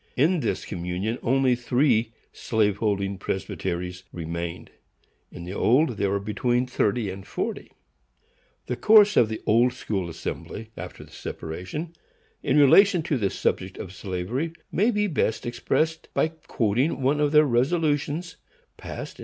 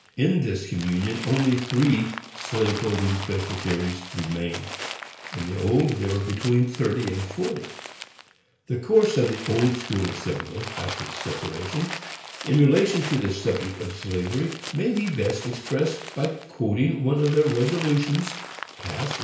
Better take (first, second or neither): first